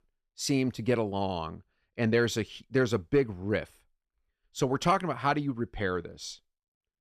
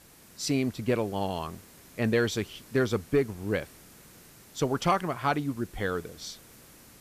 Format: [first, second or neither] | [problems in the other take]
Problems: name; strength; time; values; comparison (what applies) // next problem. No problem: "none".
first | hiss; faint; throughout; 20 dB below the speech